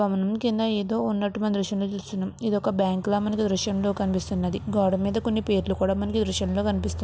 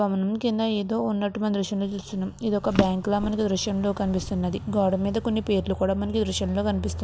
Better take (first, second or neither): first